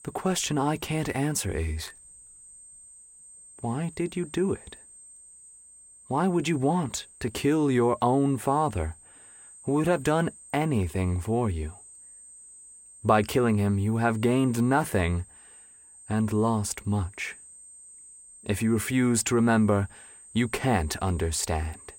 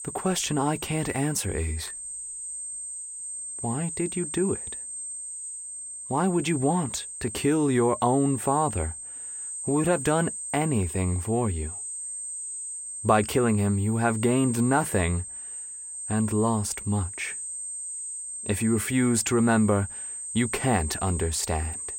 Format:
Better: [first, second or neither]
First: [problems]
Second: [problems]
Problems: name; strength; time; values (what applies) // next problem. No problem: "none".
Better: first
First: high-pitched whine; faint; throughout; 8.5 kHz, 20 dB below the speech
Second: high-pitched whine; loud; throughout; 8.5 kHz, 7 dB below the speech